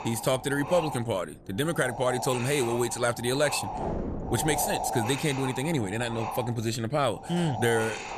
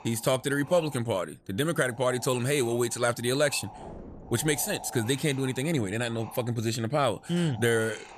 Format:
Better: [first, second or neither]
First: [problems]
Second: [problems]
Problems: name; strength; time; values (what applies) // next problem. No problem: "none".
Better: second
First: wind noise on the microphone; heavy; 5 dB below the speech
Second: wind noise on the microphone; occasional gusts; 15 dB below the speech